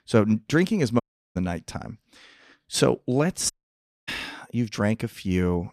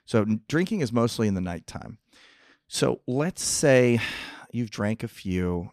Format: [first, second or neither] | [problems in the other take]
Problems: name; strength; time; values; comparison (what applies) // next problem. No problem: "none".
second | audio cutting out; at 1 s and at 3.5 s for 0.5 s